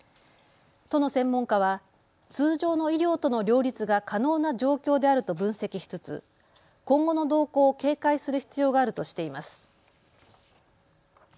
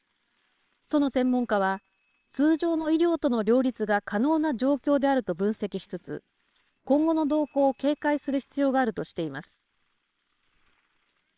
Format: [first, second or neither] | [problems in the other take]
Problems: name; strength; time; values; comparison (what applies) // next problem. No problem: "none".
first | noise reduction (neural separator model SepFormer WHAMR!)